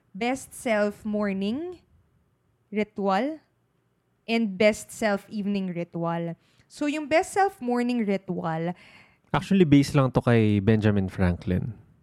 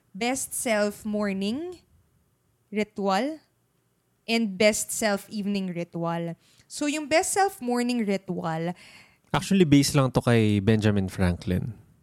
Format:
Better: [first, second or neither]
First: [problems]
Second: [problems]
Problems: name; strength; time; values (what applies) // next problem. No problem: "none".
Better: second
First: muffled; slightly; fading above 4 kHz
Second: none